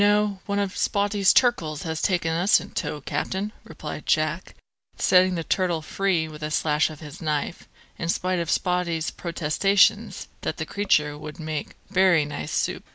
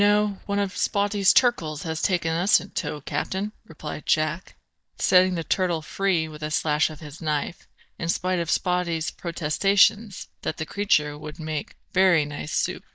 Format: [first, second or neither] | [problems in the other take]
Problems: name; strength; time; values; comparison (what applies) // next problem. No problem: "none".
first | noise reduction (neural mask model DeepFilterNet 3)